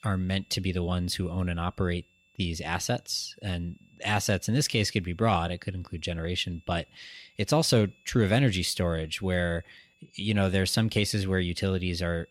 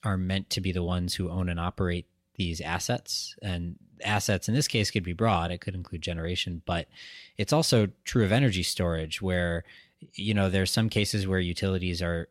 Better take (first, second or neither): second